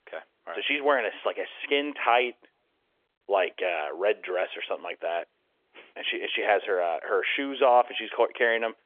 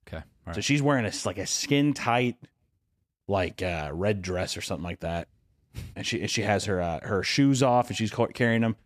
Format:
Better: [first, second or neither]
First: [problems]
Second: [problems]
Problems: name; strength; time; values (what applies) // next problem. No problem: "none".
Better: second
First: phone-call audio; nothing above 3.5 kHz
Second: none